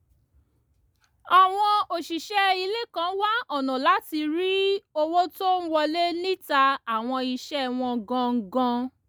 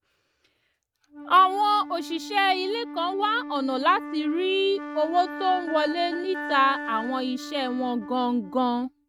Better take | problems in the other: first | noise reduction (neural mask model RNNoise)

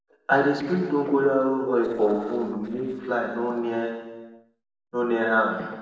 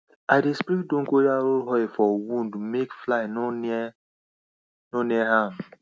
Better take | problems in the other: second | noise reduction (neural separator model SepFormer DNS4)

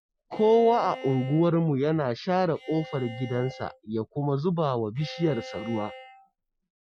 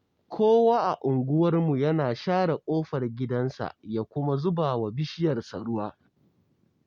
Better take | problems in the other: second | noise reduction (classical method Wiener filter)

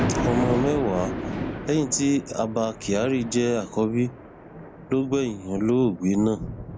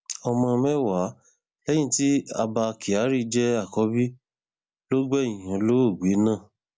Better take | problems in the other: second | background sound (Thunder); 7 dB below the speech

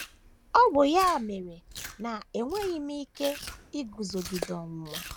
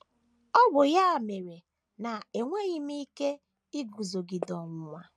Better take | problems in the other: second | background sound (Chewing, mastication); 15 dB below the speech

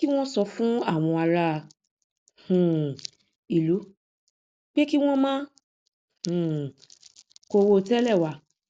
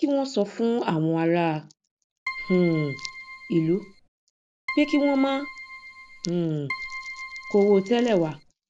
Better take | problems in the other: first | background sound (Keyboard (musical)); 12 dB below the speech

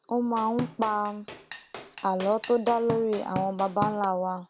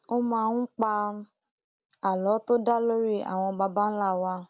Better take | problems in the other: second | background sound (Drum / Drum kit); 11 dB below the speech

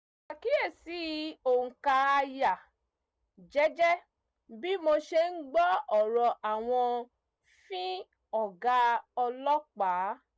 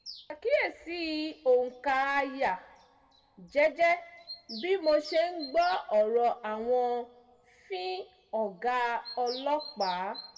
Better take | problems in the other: first | background sound (Bird vocalization, bird call, bird song); 19 dB below the speech // room echo; dies away in 1 s

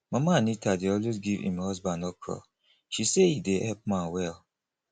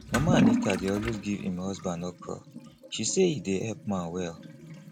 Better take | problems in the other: first | background sound (Toilet flush / Liquid); 2 dB below the speech

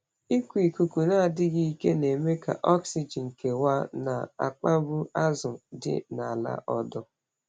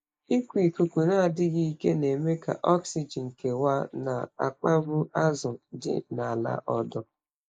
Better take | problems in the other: first | noise reduction (neural mask model Resemble Enhance denoiser)

